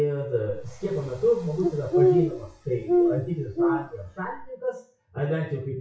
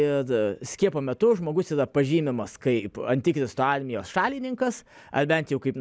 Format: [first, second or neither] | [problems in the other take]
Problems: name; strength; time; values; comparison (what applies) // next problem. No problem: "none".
second | noise reduction (classical method WPE with log-MMSE)